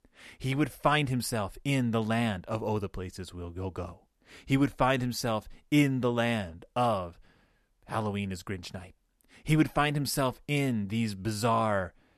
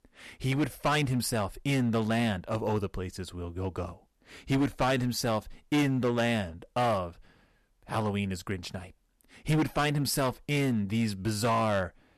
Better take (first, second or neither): first